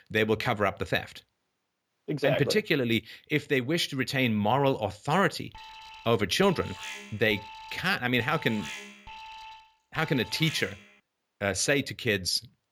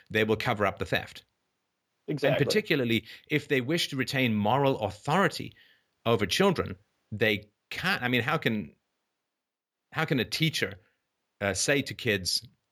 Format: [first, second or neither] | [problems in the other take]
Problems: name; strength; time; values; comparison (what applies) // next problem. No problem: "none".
second | alarm; faint; from 5.5 to 11 s; peak 10 dB below the speech